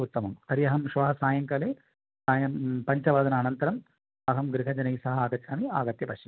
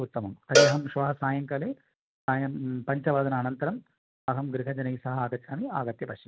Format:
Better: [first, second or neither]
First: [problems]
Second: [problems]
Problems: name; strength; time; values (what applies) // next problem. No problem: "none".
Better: first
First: none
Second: background sound (Cowbell); 3 dB above the speech